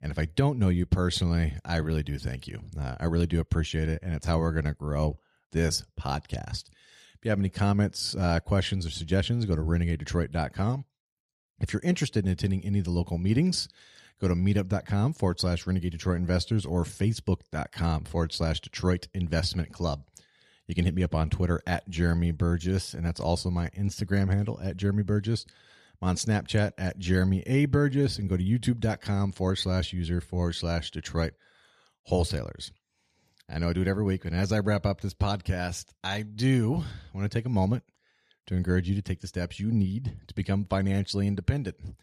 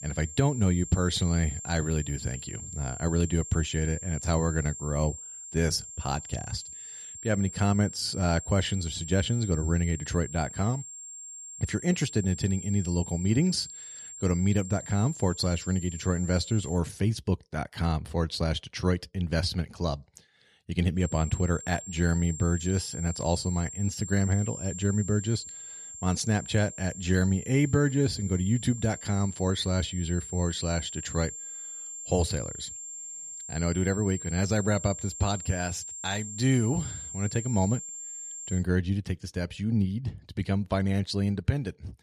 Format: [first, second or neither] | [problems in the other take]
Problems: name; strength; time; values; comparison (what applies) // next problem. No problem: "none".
first | high-pitched whine; loud; until 17 s and from 21 to 39 s; 7.5 kHz, 10 dB below the speech